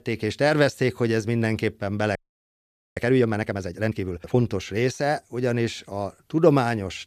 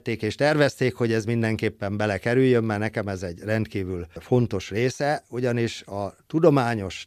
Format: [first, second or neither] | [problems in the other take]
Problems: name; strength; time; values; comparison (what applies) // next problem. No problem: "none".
second | audio freezing; at 2 s for 1 s